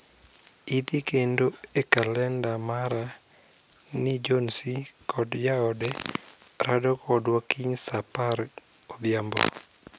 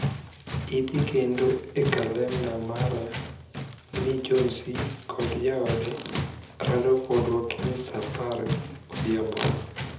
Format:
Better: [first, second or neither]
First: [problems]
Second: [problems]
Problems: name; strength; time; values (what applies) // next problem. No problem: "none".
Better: first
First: none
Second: background sound (Tools); 5 dB below the speech // room echo; dies away in 0.8 s